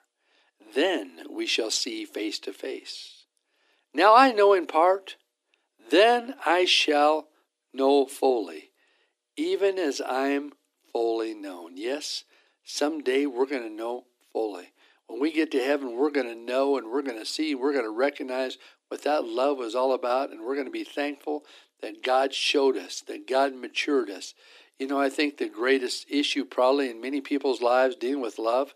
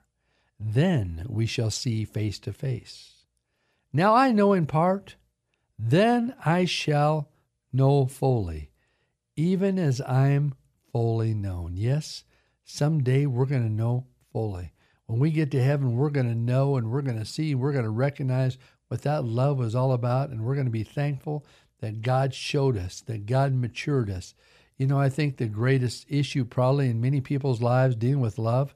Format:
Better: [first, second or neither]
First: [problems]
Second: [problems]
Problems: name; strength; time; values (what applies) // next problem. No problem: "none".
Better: second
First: thin; somewhat; fading below 300 Hz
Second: none